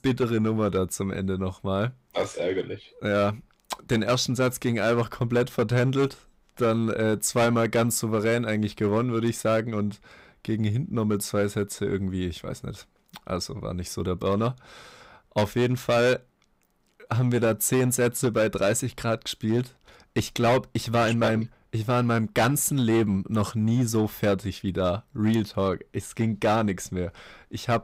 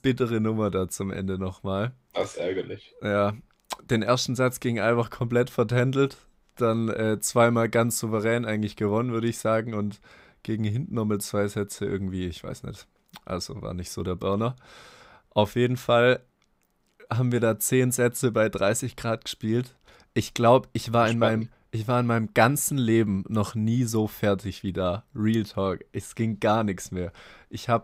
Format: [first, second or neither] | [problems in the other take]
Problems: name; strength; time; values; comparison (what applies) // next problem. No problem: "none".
second | distortion; slight; 6% of the sound clipped